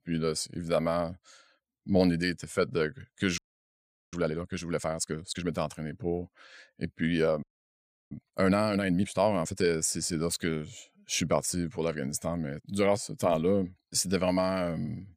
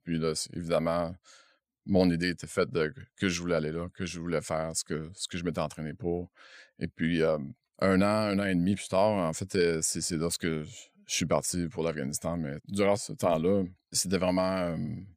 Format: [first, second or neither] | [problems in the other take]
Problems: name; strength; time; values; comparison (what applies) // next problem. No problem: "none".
second | audio freezing; at 3.5 s for 1 s and at 7.5 s for 0.5 s